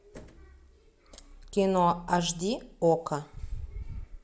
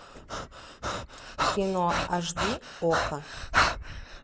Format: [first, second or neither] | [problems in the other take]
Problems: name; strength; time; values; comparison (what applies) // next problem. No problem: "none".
first | noise reduction (neural mask model Resemble Enhance denoiser)